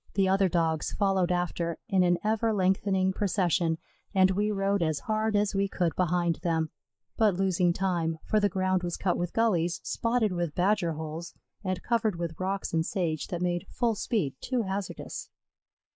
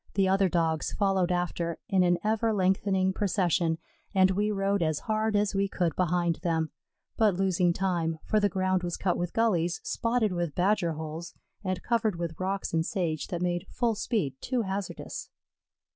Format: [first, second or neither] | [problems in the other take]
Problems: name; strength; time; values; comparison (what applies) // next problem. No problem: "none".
second | noise reduction (neural mask model Resemble Enhance denoiser)